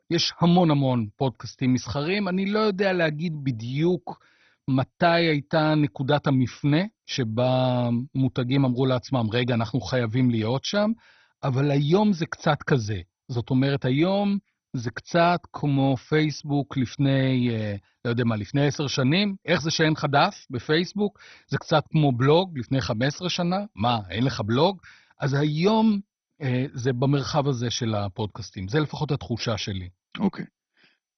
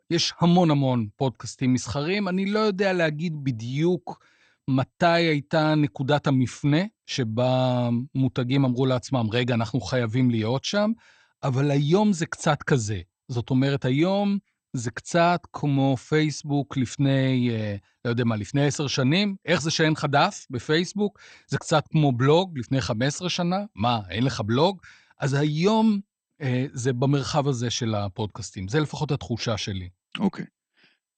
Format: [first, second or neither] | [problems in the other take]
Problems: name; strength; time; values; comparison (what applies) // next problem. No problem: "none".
second | garbled, watery; badly; nothing above 6 kHz; slightly in the second